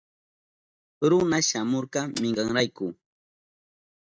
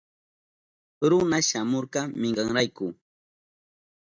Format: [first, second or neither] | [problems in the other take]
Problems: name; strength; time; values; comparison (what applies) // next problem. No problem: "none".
second | noise reduction (neural mask model RNNoise)